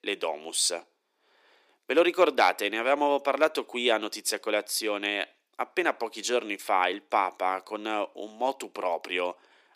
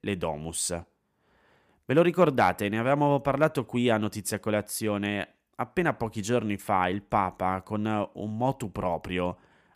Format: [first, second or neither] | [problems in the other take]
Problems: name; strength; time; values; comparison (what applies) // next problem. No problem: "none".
second | thin; somewhat; fading below 300 Hz